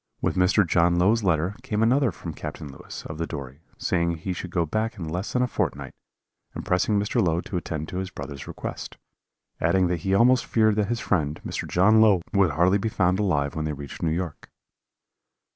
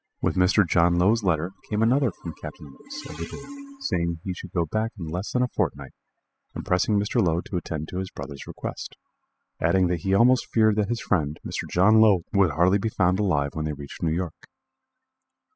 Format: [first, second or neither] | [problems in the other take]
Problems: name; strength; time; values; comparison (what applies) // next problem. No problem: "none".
first | noise reduction (classical method spectral subtraction)